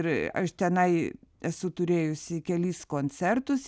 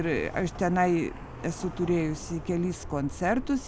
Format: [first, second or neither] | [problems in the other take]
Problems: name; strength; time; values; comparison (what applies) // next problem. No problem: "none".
first | background sound (Traffic noise, roadway noise); 12 dB below the speech